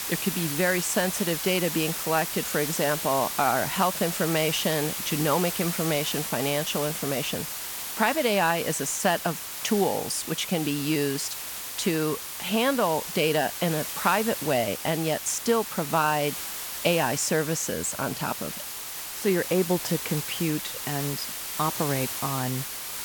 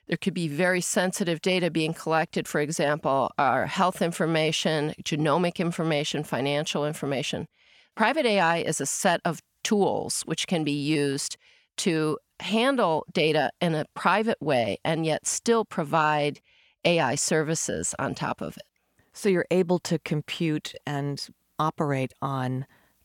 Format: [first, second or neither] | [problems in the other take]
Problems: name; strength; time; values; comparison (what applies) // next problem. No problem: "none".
second | hiss; loud; throughout; 4 dB below the speech